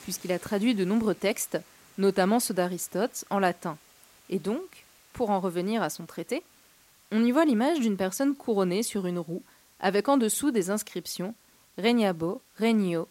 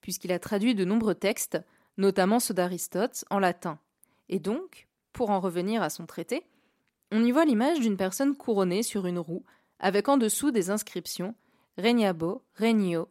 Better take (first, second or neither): second